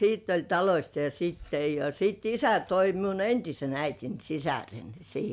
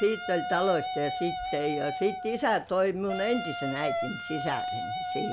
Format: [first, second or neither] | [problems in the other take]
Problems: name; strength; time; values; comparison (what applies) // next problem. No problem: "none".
first | background sound (Wind instrument, woodwind instrument); 5 dB below the speech